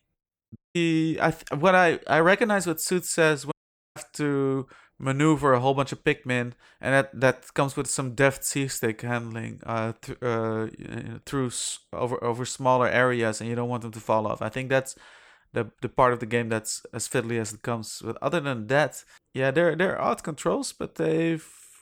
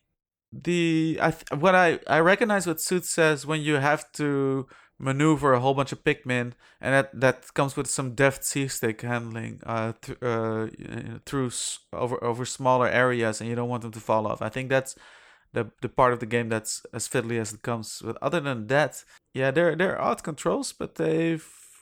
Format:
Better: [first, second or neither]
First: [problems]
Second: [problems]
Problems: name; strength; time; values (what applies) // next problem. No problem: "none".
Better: second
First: audio cutting out; at 0.5 s and at 3.5 s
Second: none